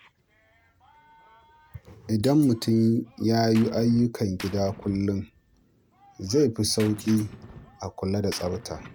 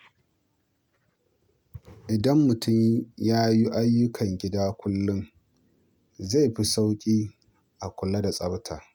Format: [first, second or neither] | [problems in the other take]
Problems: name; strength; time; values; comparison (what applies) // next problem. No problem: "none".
second | background sound (Thump, thud + Gunshot, gunfire); 20 dB below the speech